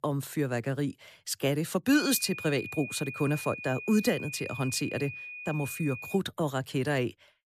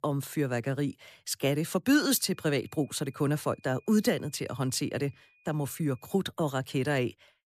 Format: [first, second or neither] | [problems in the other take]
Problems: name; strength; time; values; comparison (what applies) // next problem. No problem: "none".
second | high-pitched whine; loud; from 2 to 6 s; 2.5 kHz, 9 dB below the speech; faint in the second